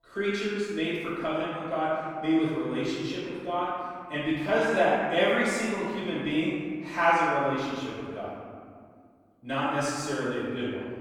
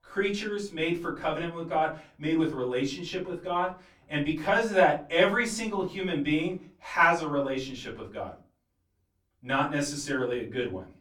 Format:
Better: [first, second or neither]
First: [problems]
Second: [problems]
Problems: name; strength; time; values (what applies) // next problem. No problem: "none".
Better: second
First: room echo; strong; dies away in 1.8 s // off-mic speech; far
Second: room echo; slight; dies away in 0.3 s // off-mic speech; far